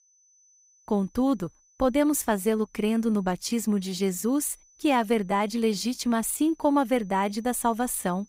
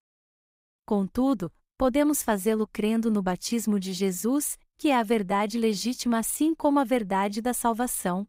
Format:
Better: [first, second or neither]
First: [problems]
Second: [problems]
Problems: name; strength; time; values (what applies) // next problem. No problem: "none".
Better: second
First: high-pitched whine; faint; throughout; 6 kHz, 35 dB below the speech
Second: none